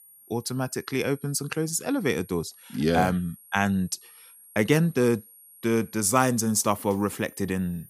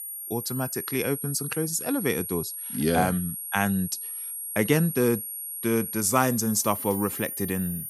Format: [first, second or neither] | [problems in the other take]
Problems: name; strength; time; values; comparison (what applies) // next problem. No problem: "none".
first | high-pitched whine; loud; throughout; 11.5 kHz, 5 dB below the speech; faint in the first